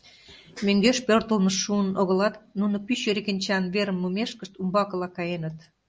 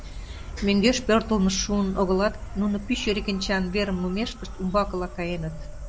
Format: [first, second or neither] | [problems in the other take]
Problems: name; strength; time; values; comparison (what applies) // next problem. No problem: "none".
first | background sound (Insect); 10 dB below the speech